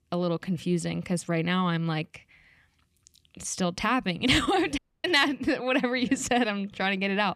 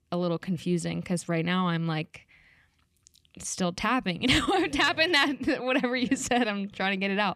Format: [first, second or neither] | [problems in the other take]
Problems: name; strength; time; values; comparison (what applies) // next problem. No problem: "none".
second | audio cutting out; at 5 s